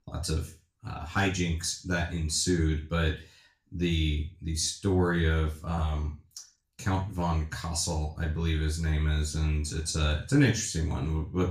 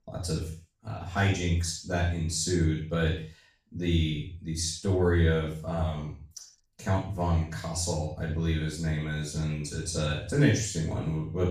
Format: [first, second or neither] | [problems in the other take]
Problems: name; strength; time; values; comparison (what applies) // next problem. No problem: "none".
first | room echo; strong; dies away in 0.4 s; slight in the first // off-mic speech; far; far in the first